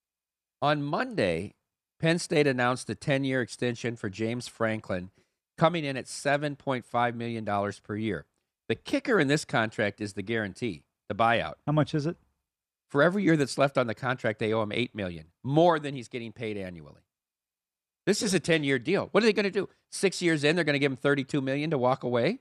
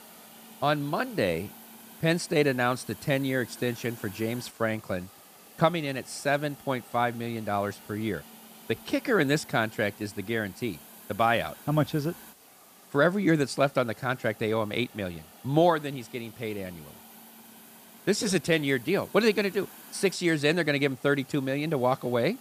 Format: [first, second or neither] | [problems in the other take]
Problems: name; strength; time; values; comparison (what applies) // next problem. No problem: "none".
first | hiss; noticeable; throughout; 20 dB below the speech